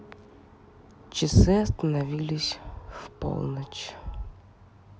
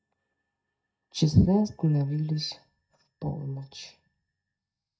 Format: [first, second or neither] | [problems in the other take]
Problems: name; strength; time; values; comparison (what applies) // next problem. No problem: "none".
first | noise reduction (neural mask model DeepFilterNet 3)